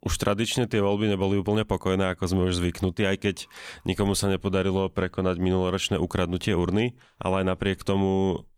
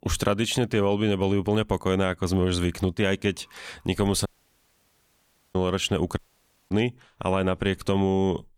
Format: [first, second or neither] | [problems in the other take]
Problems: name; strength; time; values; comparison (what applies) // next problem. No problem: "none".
first | audio cutting out; at 4.5 s for 1.5 s and at 6 s for 0.5 s